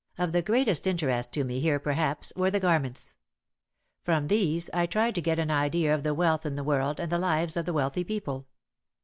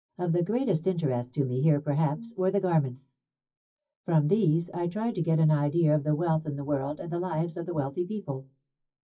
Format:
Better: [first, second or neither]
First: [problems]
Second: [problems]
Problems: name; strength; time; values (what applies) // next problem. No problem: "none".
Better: first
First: none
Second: noise reduction (classical method WPE with log-MMSE)